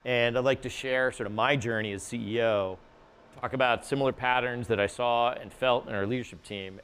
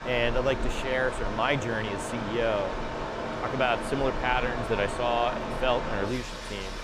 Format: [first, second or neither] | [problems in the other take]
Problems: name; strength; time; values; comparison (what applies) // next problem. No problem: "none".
first | rain or running water; loud; throughout; 5 dB below the speech; faint in the first